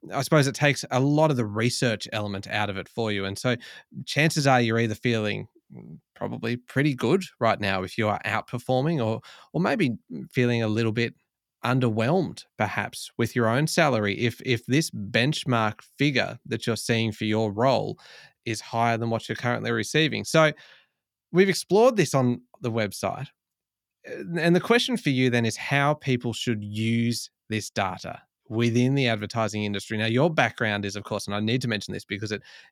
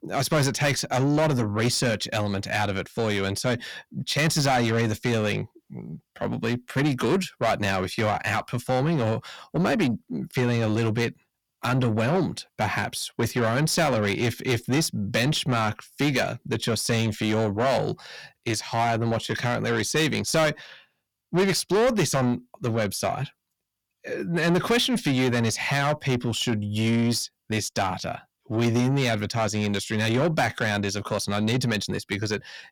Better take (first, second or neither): first